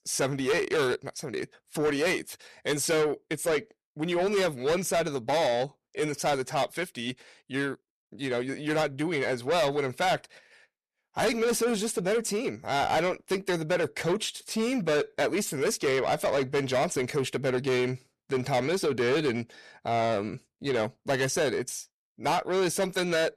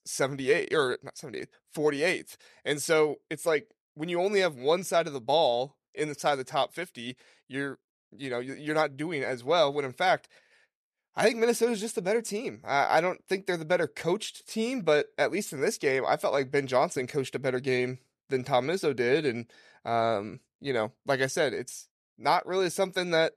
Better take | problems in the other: second | distortion; heavy; 8 dB below the speech

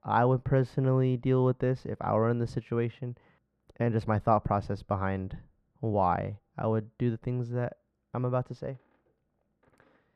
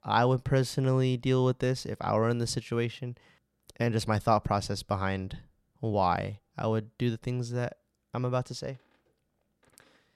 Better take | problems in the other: second | muffled; very; fading above 3 kHz

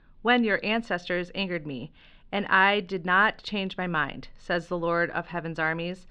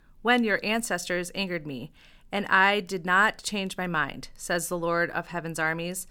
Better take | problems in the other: second | muffled; slightly; fading above 3.5 kHz

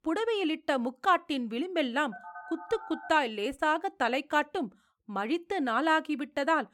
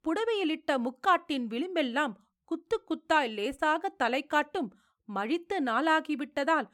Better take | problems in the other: second | phone ringing; faint; at 2 s; peak 15 dB below the speech

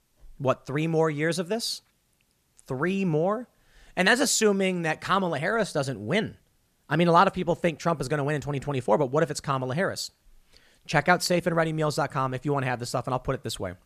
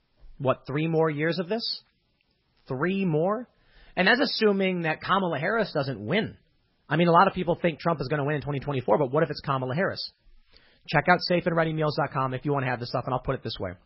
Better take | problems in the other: first | garbled, watery; badly; nothing above 5.5 kHz

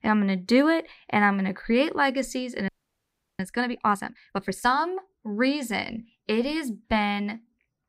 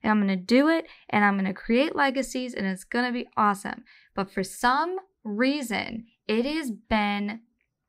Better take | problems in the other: second | audio freezing; at 2.5 s for 0.5 s

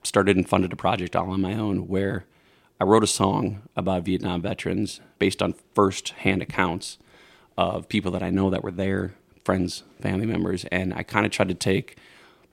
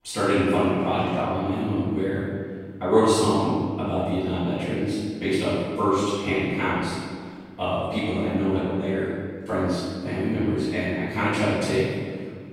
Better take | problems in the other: first | room echo; strong; dies away in 1.7 s // off-mic speech; far

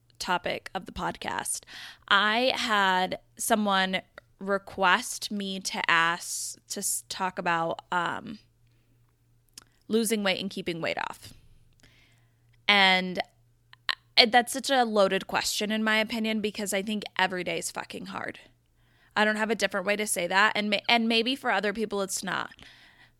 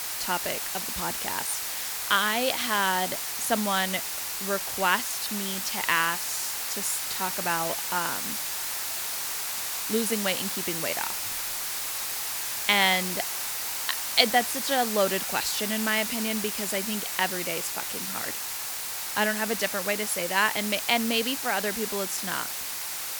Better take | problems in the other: first | hiss; loud; throughout; 1 dB below the speech

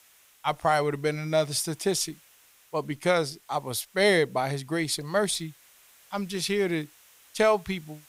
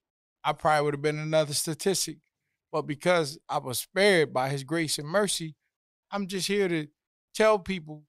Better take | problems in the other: second | hiss; faint; throughout; 30 dB below the speech

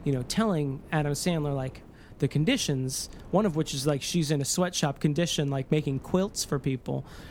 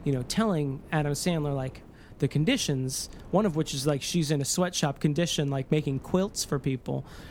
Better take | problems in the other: neither | wind noise on the microphone; occasional gusts; 25 dB below the speech; the same in both

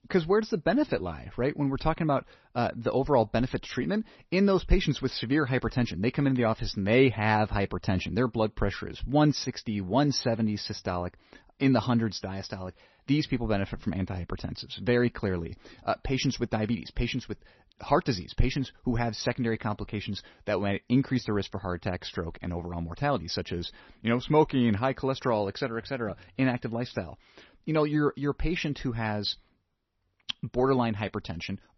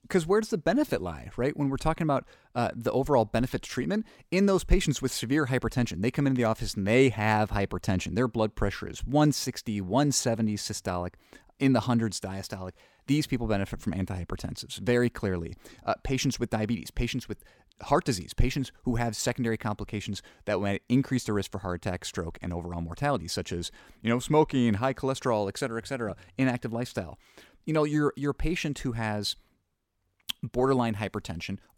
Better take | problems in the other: second | garbled, watery; slightly; nothing above 6 kHz

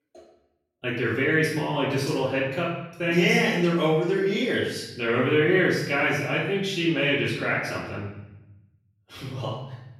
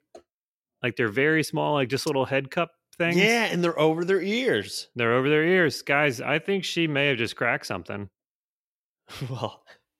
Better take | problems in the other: second | off-mic speech; far // room echo; noticeable; dies away in 0.9 s

